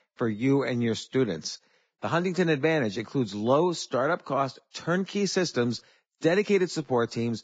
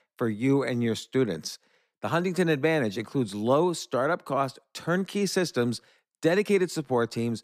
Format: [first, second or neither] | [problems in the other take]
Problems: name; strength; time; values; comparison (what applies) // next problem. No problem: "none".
second | garbled, watery; badly; nothing above 7.5 kHz